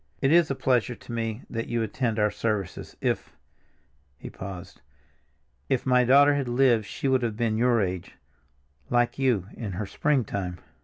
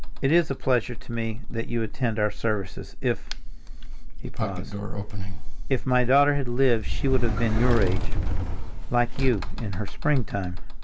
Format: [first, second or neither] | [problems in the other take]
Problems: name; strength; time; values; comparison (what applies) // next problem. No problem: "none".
first | background sound (Sliding door); 4 dB above the speech